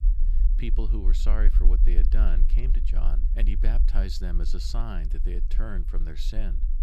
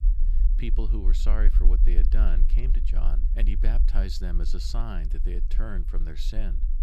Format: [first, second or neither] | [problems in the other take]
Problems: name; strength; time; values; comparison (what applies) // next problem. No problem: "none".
neither | low rumble; loud; throughout; 10 dB below the speech; the same in both